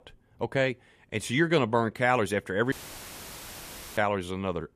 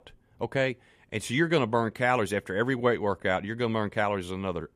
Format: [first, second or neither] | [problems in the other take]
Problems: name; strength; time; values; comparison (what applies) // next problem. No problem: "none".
second | audio cutting out; filled with static; at 2.5 s for 1.5 s